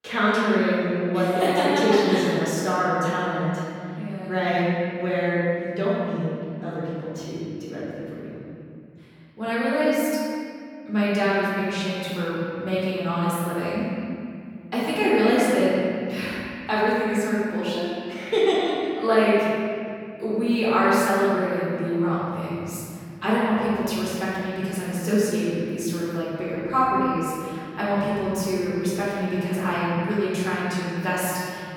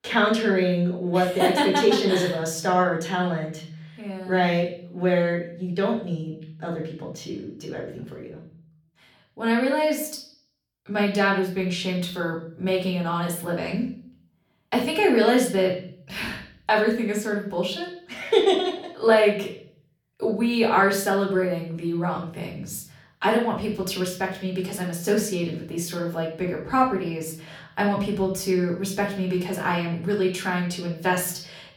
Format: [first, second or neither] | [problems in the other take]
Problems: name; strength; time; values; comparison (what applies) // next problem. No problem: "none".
second | room echo; strong; dies away in 2.5 s; slight in the second // off-mic speech; far; far in the second